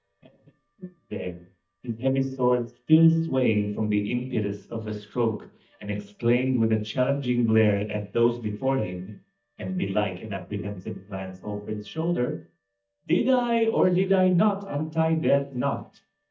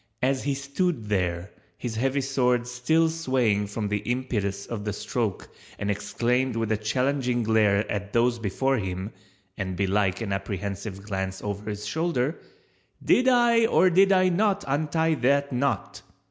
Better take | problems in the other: second | noise reduction (neural mask model DeepFilterNet 3)

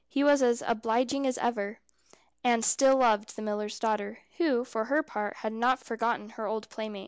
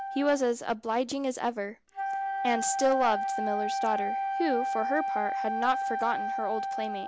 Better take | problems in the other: first | background sound (Wind instrument, woodwind instrument); 2 dB below the speech

